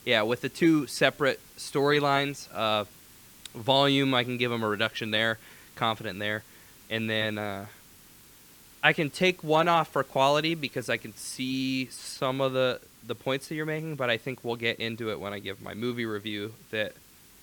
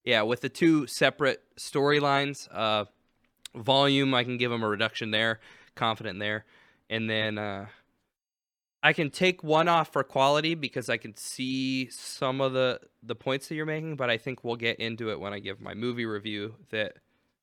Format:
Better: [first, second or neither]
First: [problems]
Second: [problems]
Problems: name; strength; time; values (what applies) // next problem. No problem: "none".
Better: second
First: hiss; faint; throughout; 25 dB below the speech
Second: none